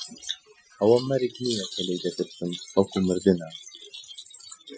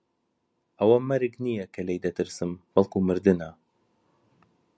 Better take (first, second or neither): second